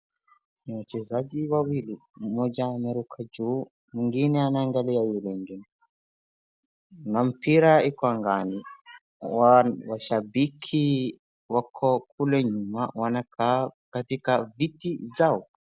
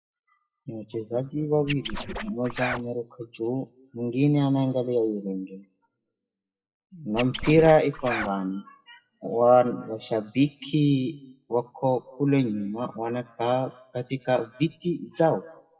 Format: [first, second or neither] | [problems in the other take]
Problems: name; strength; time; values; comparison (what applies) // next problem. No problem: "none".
first | noise reduction (classical method WPE with log-MMSE)